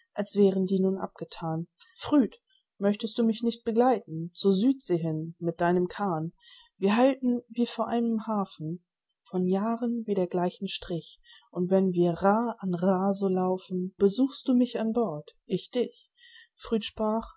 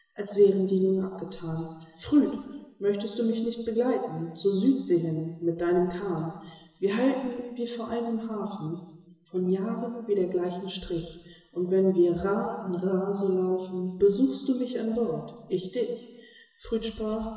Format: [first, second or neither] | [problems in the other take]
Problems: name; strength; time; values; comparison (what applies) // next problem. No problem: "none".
first | room echo; dies away in 1.3 s